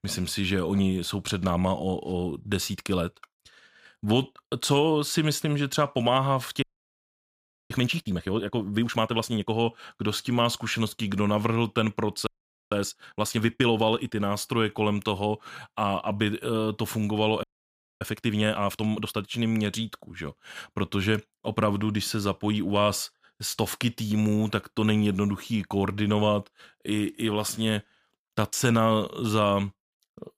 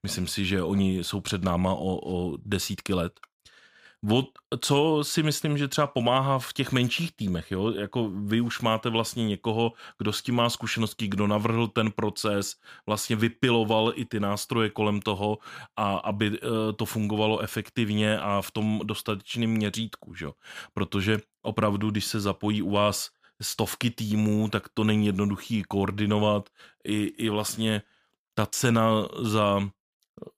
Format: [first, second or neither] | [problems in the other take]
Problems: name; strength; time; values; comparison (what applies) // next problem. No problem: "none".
second | audio freezing; at 6.5 s for 1 s, at 12 s and at 17 s for 0.5 s